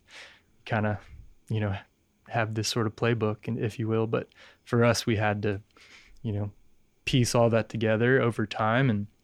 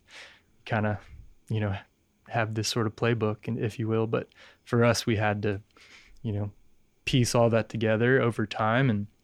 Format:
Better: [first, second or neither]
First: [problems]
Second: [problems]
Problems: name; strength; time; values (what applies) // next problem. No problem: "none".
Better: neither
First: none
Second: none